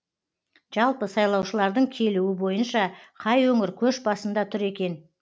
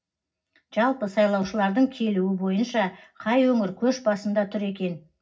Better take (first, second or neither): first